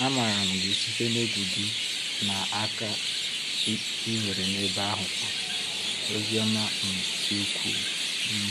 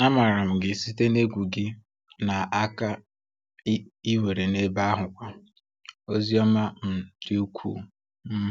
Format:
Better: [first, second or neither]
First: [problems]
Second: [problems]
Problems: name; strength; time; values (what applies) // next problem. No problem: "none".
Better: second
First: background sound (Chirp, tweet); 4 dB above the speech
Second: none